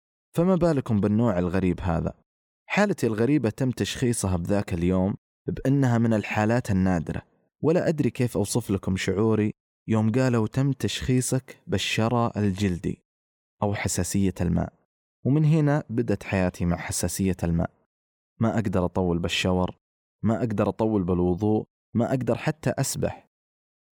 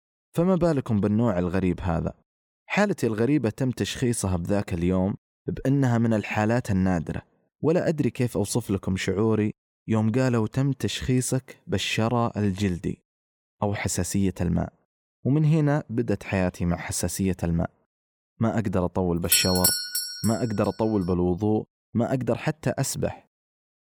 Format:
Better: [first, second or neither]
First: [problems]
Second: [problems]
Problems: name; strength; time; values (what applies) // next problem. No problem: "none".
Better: first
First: none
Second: doorbell; loud; at 19 s; peak 6 dB above the speech